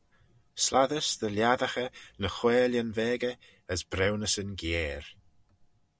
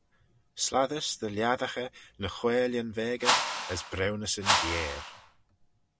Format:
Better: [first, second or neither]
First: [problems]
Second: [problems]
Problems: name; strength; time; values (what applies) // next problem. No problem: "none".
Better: first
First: none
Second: background sound (Whoosh, swoosh, swish); 1 dB above the speech